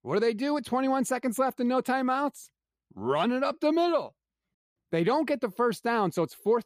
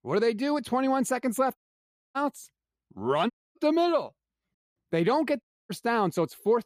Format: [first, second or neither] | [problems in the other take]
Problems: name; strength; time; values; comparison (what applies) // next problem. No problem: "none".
first | audio cutting out; at 1.5 s for 0.5 s, at 3.5 s and at 5.5 s